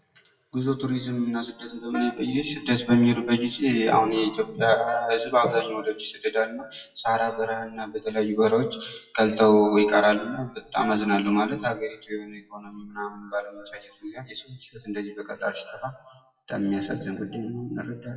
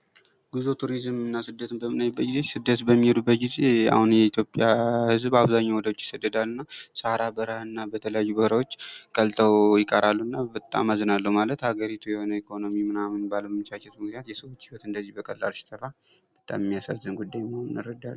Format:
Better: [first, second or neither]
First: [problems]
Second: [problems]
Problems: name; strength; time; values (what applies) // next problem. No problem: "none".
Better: second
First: noise reduction (classical method WPE with log-MMSE)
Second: none